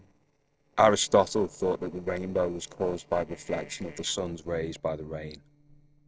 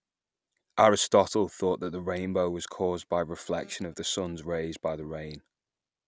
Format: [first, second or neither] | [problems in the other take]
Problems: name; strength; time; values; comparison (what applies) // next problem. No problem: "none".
second | noise reduction (neural separator model SepFormer DNS4)